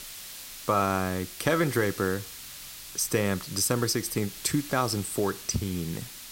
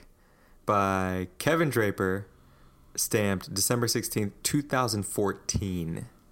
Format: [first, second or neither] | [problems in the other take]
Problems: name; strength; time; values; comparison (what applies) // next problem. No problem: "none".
second | hiss; noticeable; throughout; 10 dB below the speech